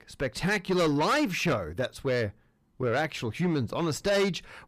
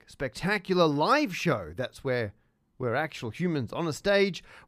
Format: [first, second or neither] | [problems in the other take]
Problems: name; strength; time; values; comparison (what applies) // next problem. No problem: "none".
second | distortion; heavy; 8 dB below the speech